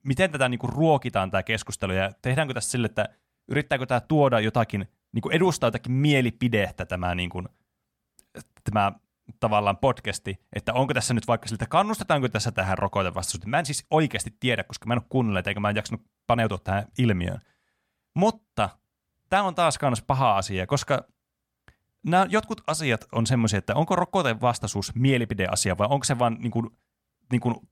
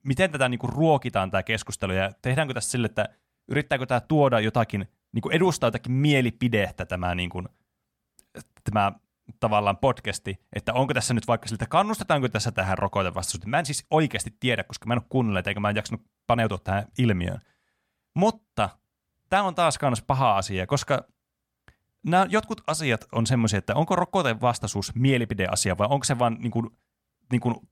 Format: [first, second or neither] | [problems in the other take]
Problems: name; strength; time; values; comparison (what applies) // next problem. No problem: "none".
neither | none